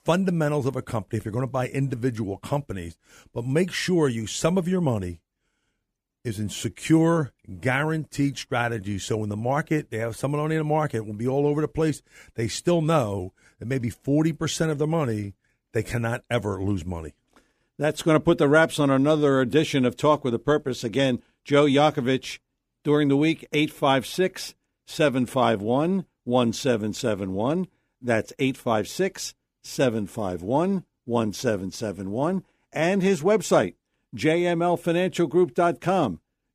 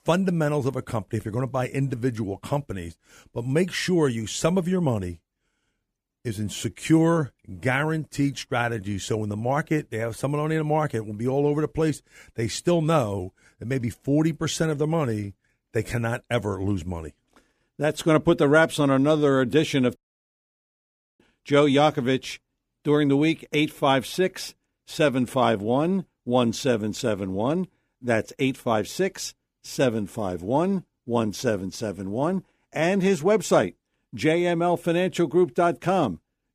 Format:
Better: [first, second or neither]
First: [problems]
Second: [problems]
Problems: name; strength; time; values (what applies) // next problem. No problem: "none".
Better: first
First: none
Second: audio cutting out; at 20 s for 1 s